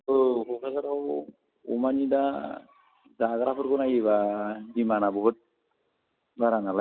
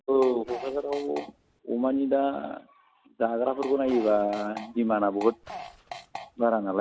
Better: first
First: none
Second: background sound (Fart); 15 dB below the speech

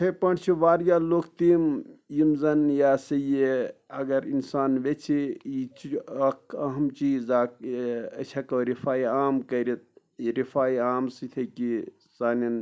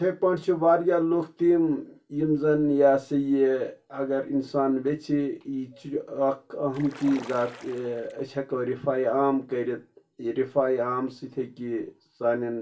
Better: first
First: none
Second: background sound (Splash, splatter); 18 dB below the speech // room echo; dies away in 0.2 s

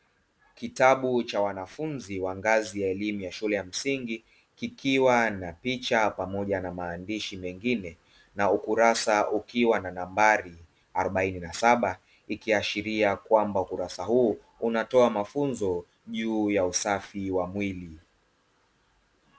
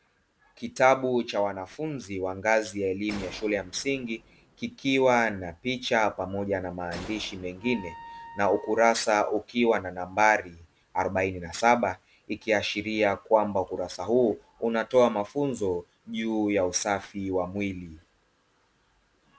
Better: first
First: none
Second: background sound (Wind instrument, woodwind instrument + Gunshot, gunfire); 19 dB below the speech

